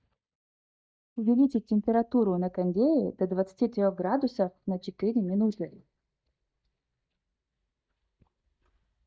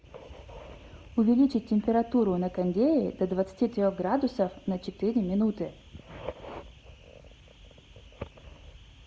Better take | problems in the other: second | noise reduction (neural mask model DeepFilterNet 3)

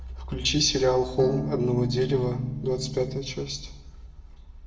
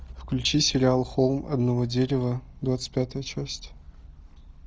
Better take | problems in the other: second | background sound (Electric guitar / Strum); 5 dB below the speech // room echo; dies away in 0.7 s

